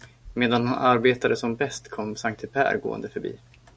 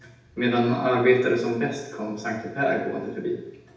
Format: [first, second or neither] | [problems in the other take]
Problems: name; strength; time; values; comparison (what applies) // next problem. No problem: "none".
first | room echo; dies away in 0.8 s